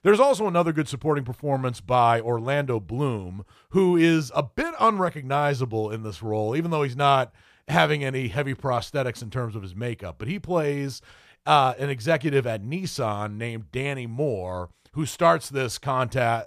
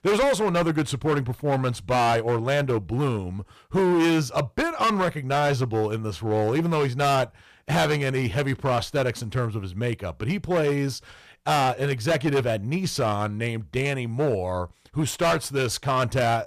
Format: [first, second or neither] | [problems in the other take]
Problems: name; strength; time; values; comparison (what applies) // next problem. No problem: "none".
first | distortion; heavy; 13% of the sound clipped